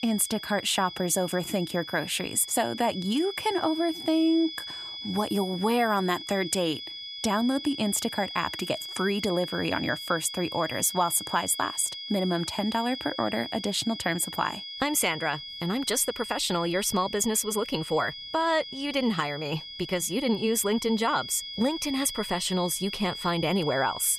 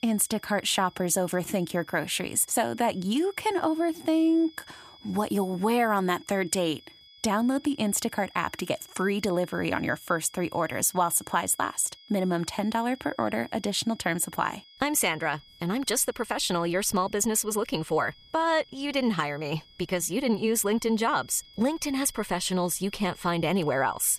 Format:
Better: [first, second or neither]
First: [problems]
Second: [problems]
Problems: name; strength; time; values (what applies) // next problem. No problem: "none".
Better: second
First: high-pitched whine; loud; throughout; 3.5 kHz, 9 dB below the speech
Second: high-pitched whine; faint; throughout; 3.5 kHz, 25 dB below the speech